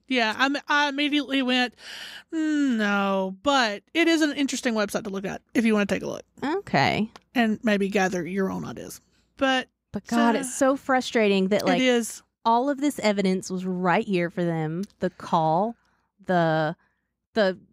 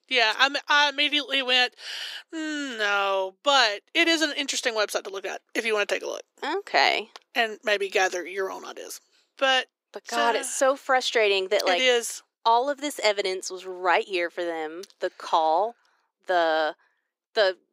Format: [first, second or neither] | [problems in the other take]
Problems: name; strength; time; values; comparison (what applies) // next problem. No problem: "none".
first | thin; very; fading below 350 Hz